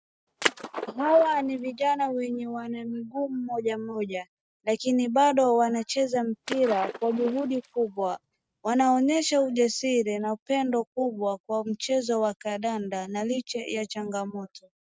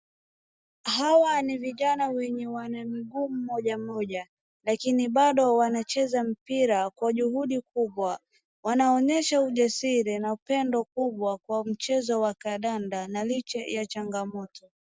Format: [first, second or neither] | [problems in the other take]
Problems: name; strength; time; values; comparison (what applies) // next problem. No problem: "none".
second | noise reduction (neural mask model RNNoise)